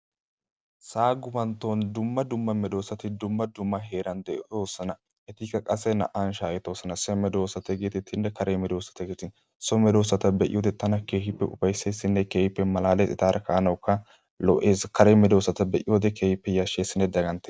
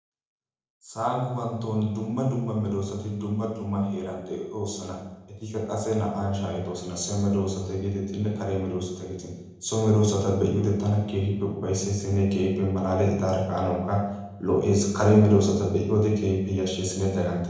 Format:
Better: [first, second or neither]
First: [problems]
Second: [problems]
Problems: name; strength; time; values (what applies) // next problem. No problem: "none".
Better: first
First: none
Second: room echo; dies away in 0.9 s